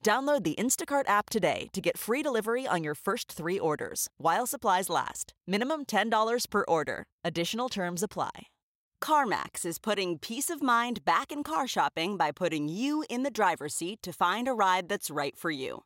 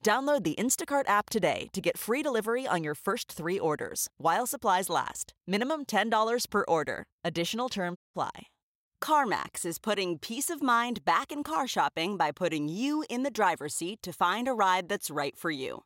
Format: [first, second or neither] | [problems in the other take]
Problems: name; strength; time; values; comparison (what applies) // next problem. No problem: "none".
first | audio cutting out; at 8 s